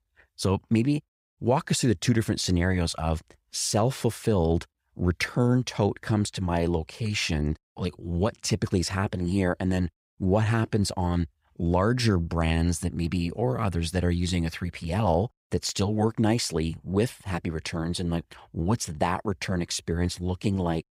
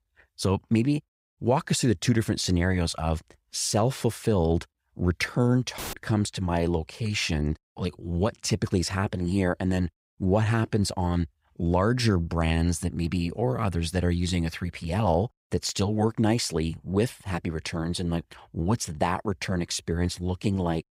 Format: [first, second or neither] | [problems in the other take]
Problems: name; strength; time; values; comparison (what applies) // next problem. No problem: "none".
first | audio cutting out; filled with static; at 6 s